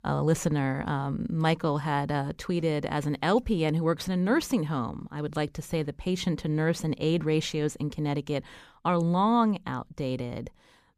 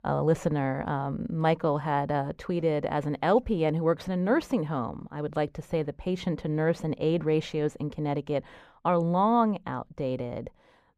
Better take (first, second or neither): first